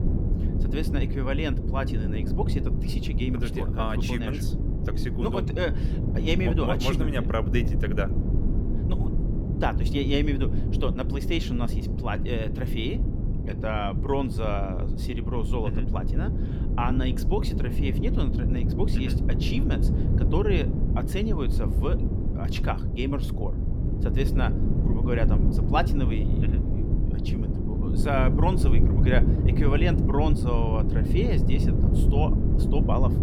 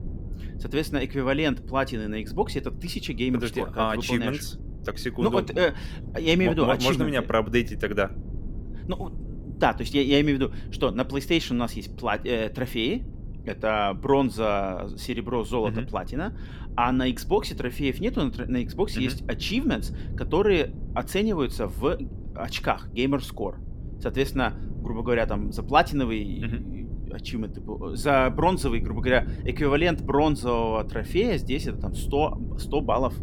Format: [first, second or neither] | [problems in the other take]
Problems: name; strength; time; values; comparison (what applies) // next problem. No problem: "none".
second | low rumble; loud; throughout; 5 dB below the speech; faint in the second